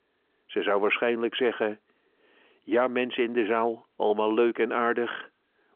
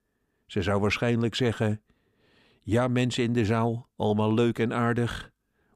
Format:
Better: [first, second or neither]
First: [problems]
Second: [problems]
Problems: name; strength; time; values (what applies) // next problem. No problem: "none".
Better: second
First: phone-call audio; nothing above 3.5 kHz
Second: none